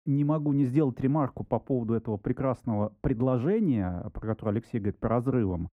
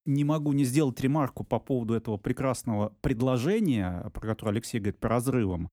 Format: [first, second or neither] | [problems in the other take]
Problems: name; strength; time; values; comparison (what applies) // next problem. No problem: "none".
second | muffled; very; fading above 3 kHz